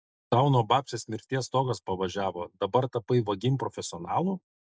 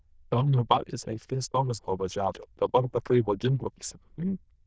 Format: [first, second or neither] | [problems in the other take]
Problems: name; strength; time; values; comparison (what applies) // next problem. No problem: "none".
first | noise reduction (neural diffusion model UNIVERSE++)